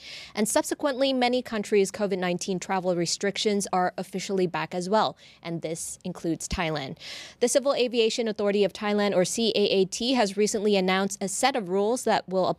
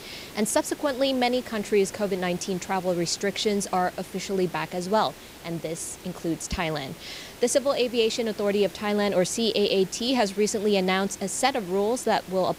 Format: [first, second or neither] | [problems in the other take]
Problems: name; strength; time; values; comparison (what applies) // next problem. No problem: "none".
first | hiss; noticeable; throughout; 20 dB below the speech